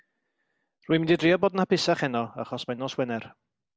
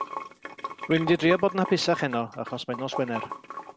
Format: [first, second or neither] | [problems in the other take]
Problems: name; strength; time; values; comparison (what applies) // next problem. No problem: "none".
first | background sound (Sink (filling or washing) / Water); 10 dB below the speech